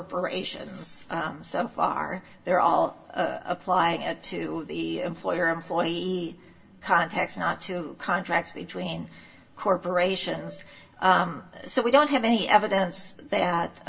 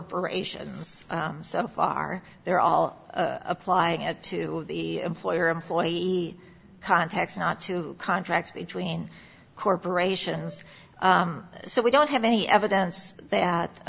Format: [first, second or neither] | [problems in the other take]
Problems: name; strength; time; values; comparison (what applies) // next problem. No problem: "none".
second | room echo; dies away in 0.1 s